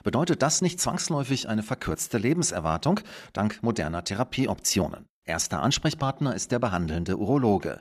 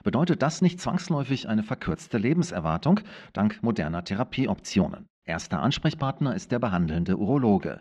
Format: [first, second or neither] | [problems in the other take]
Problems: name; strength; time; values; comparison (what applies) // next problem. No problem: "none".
first | muffled; slightly; fading above 3 kHz